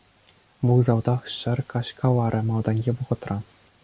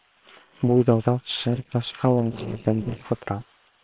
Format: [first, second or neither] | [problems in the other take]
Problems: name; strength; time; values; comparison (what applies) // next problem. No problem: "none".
first | noise reduction (neural separator model SepFormer WHAM!)